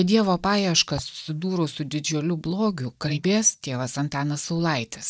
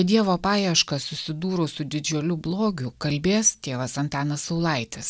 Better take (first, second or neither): second